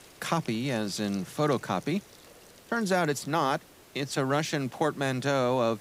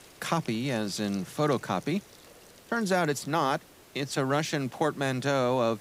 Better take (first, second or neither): neither